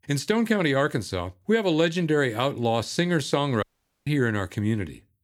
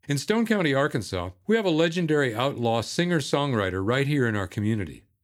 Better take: second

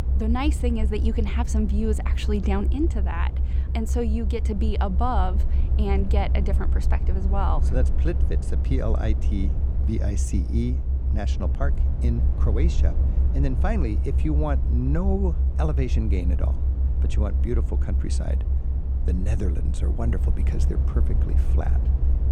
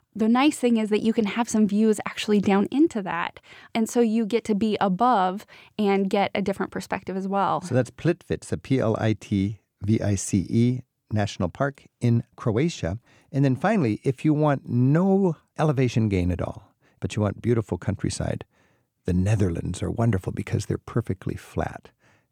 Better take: second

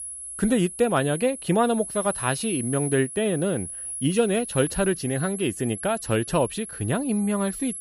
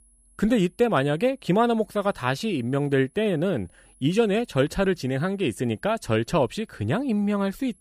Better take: second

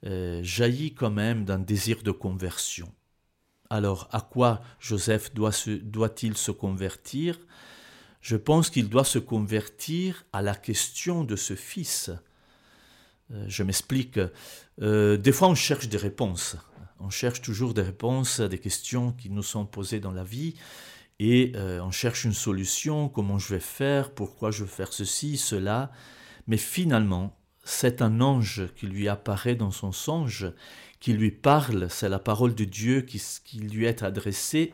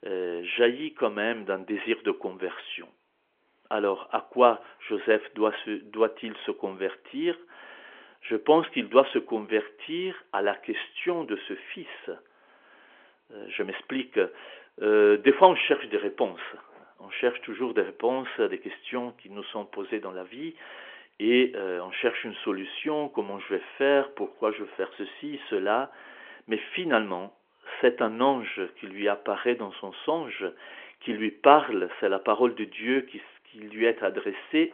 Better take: first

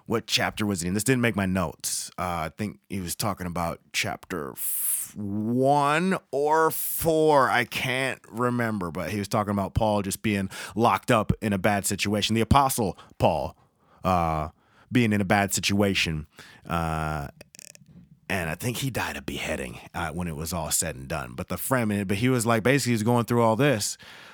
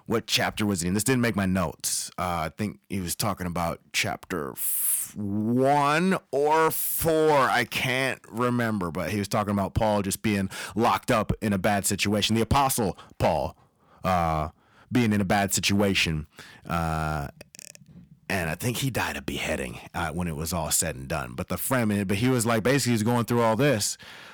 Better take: first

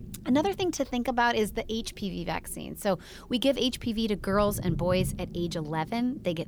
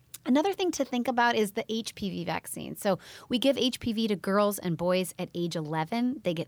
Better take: second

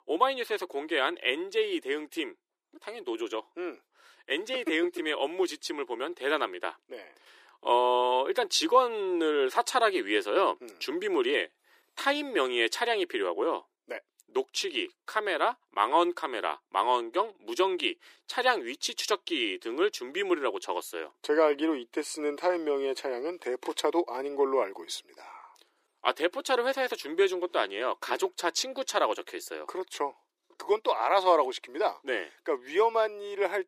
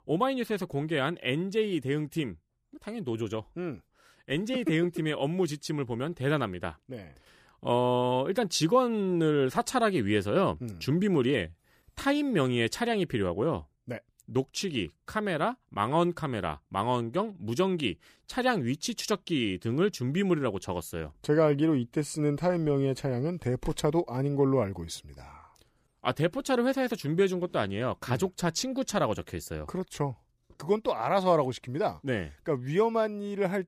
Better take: second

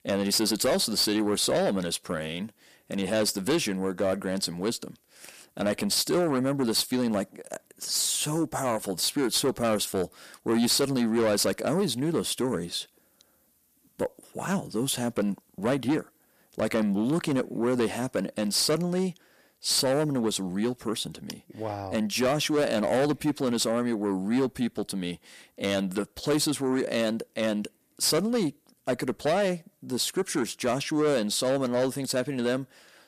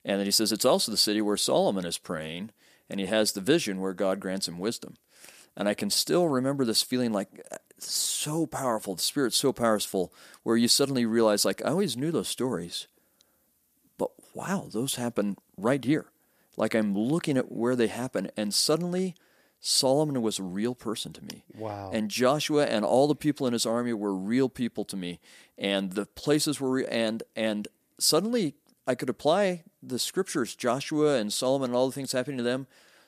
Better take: second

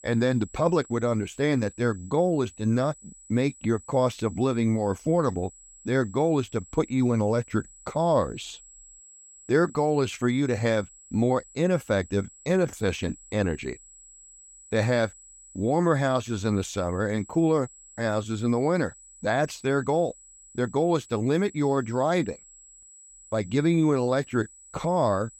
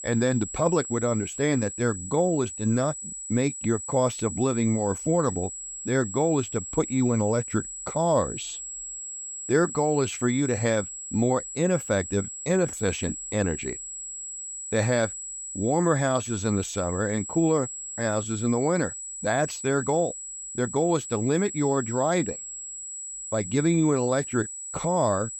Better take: first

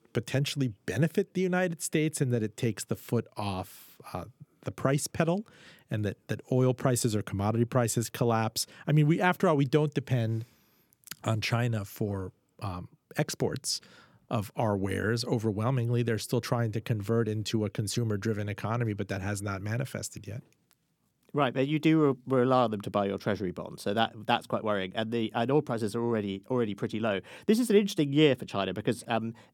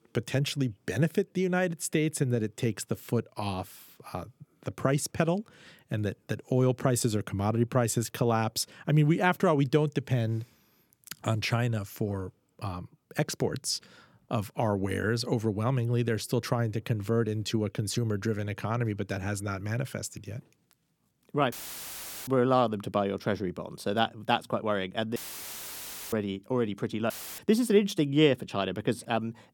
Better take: first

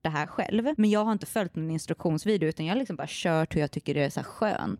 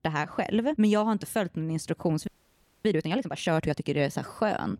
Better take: first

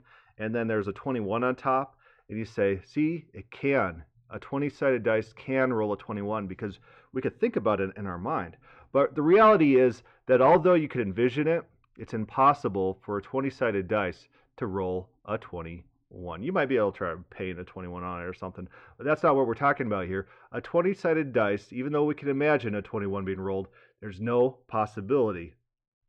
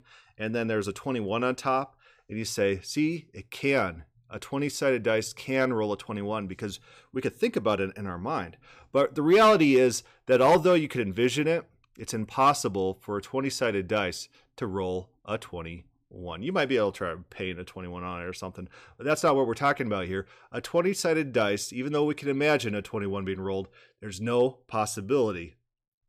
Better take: second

